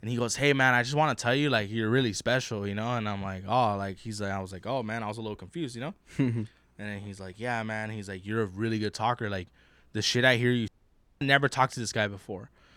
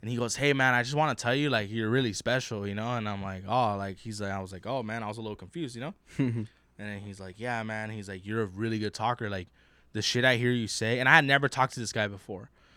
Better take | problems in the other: second | audio cutting out; at 11 s for 0.5 s

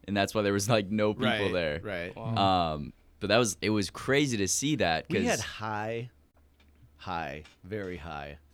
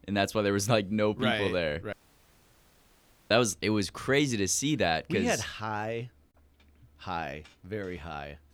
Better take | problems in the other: first | audio cutting out; at 2 s for 1.5 s

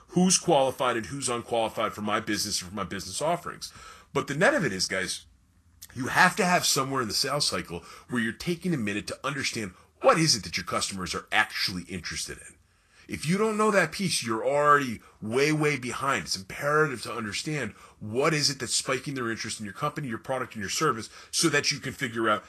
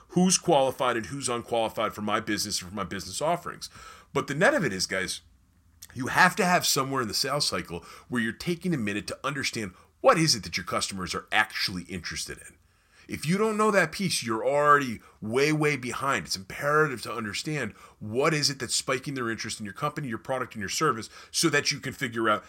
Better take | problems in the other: second | garbled, watery; slightly; nothing above 12.5 kHz

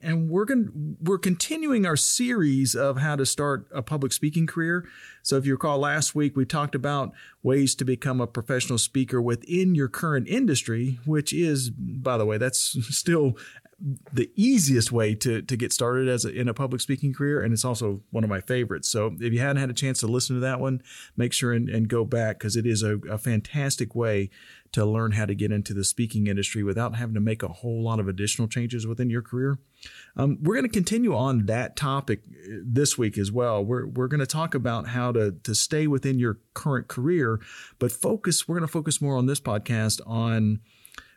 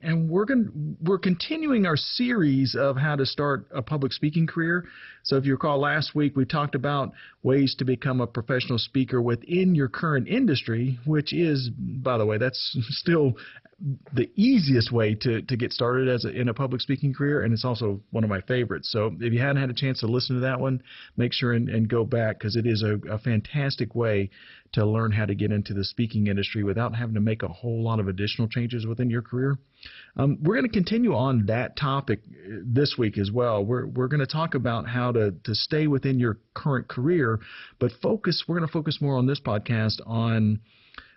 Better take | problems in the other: first | garbled, watery; badly; nothing above 5.5 kHz

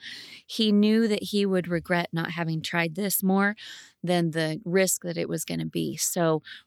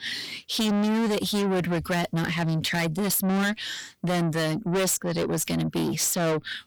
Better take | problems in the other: first | distortion; heavy; 5 dB below the speech

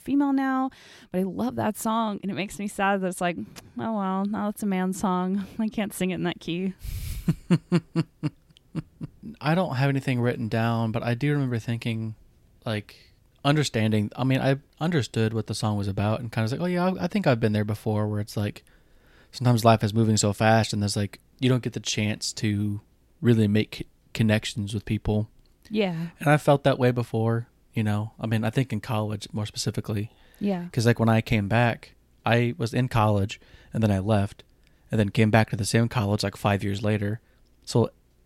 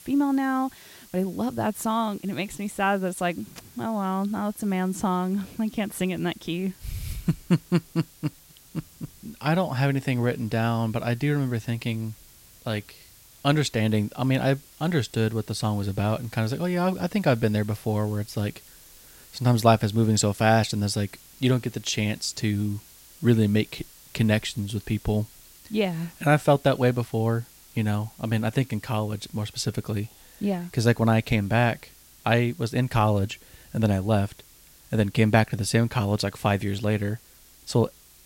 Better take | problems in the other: first | hiss; faint; throughout; 25 dB below the speech

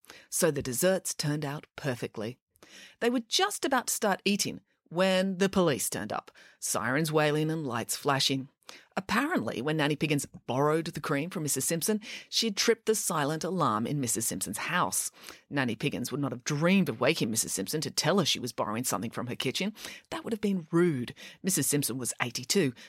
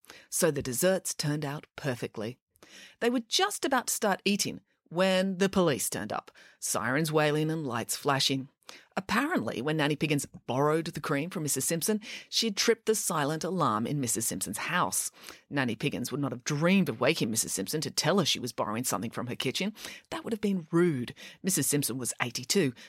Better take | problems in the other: neither | none

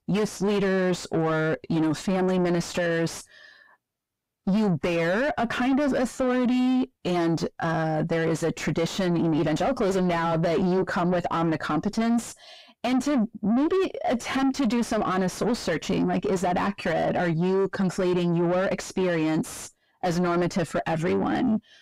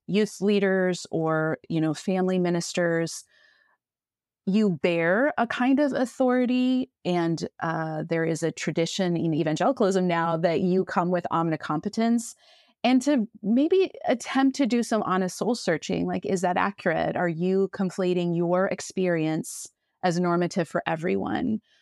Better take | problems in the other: second | distortion; heavy; 6 dB below the speech

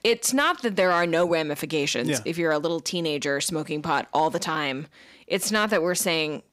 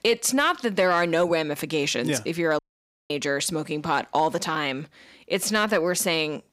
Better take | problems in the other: first | audio cutting out; at 2.5 s for 0.5 s

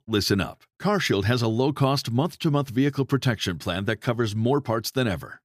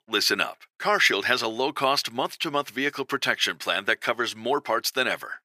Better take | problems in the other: first | thin; very; fading below 550 Hz

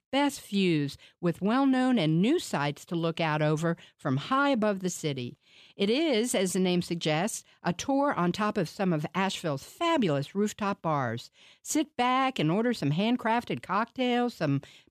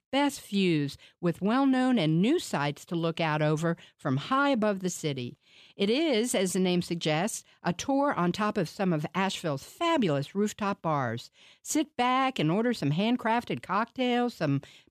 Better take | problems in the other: neither | none

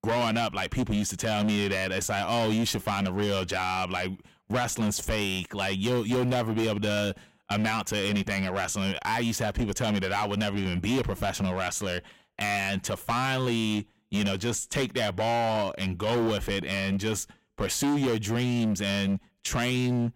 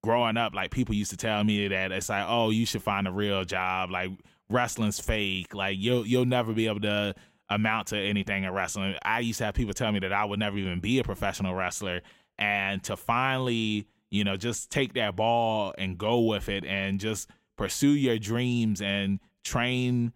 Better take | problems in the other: second | distortion; heavy; 16% of the sound clipped

